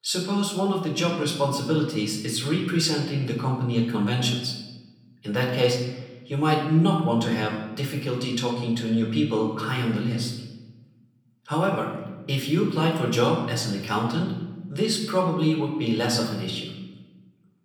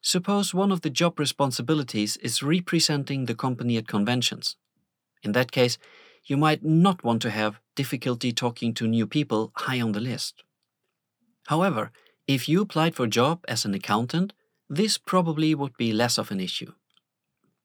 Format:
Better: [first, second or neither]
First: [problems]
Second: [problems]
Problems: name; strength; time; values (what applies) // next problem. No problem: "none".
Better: second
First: off-mic speech; somewhat distant // room echo; noticeable; dies away in 1 s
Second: none